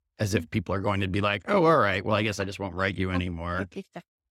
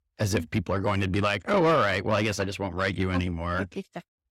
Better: first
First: none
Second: distortion; slight; 10 dB below the speech

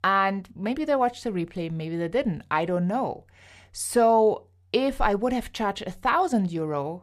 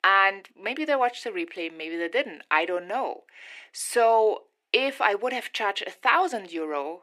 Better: first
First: none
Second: thin; very; fading below 300 Hz

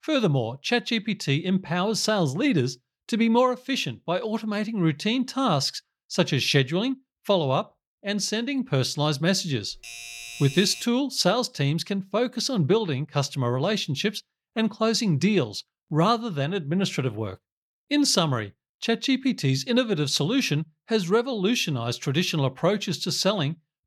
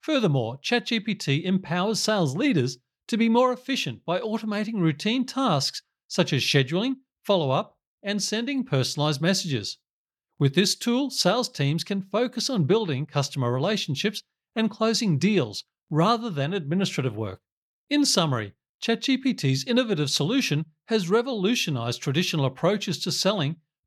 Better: second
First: doorbell; faint; from 9.5 to 11 s; peak 10 dB below the speech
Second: none

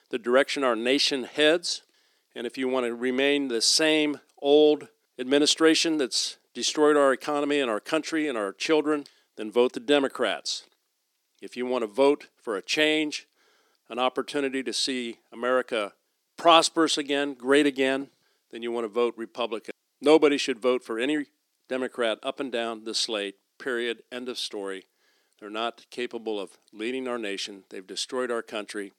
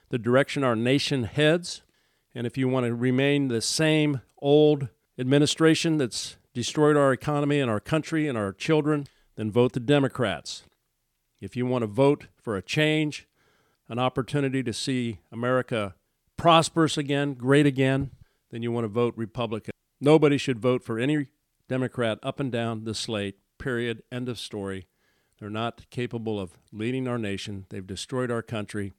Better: second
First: thin; very slightly; fading below 300 Hz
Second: none

